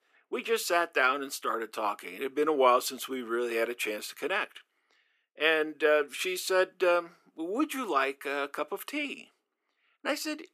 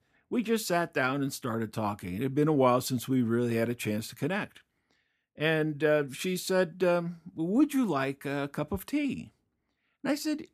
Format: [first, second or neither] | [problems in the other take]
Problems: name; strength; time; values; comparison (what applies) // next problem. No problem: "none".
second | thin; somewhat; fading below 400 Hz